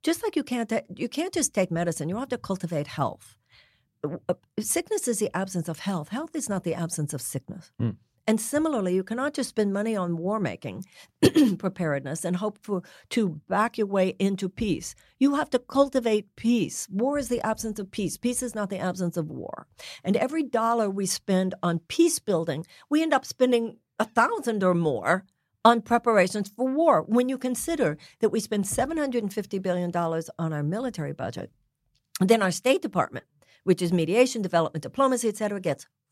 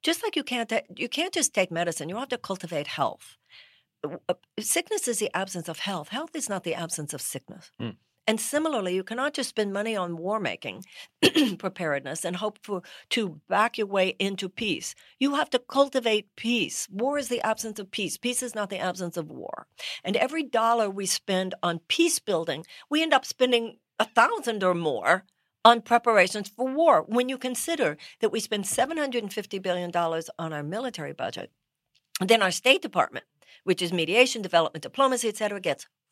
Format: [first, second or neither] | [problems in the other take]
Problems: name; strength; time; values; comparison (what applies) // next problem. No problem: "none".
first | thin; very slightly; fading below 750 Hz